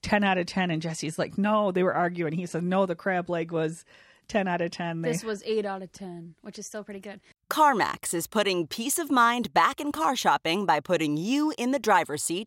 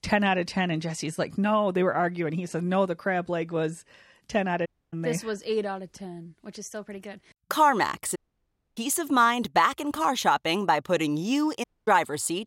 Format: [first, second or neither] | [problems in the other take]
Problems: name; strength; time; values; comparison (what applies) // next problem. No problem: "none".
first | audio cutting out; at 4.5 s, at 8 s for 0.5 s and at 12 s